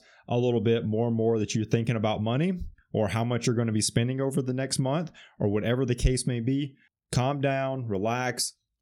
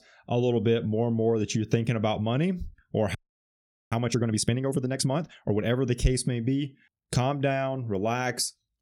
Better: first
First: none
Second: audio freezing; at 3 s for 1 s

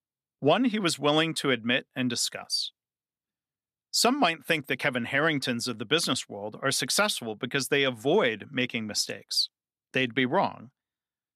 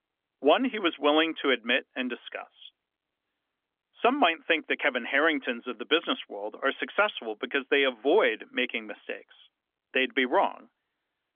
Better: first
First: none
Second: phone-call audio; nothing above 3.5 kHz

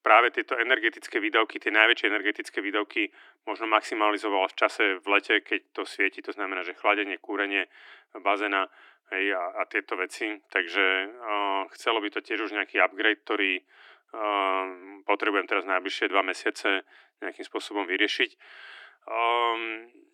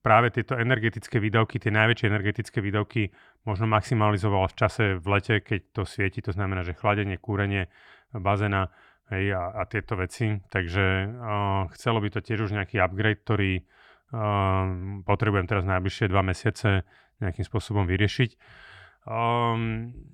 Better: second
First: thin; very; fading below 300 Hz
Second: none

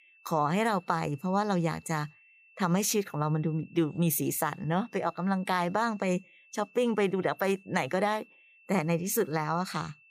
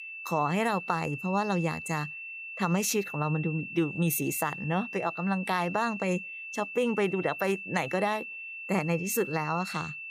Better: first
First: high-pitched whine; faint; throughout; 2.5 kHz, 30 dB below the speech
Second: high-pitched whine; loud; throughout; 2.5 kHz, 8 dB below the speech

